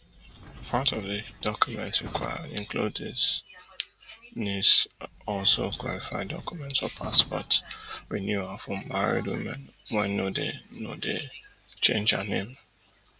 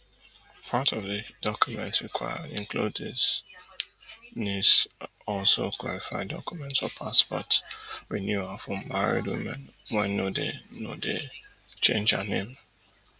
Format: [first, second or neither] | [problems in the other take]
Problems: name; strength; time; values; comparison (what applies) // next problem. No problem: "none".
second | background sound (Drawer open or close); 15 dB below the speech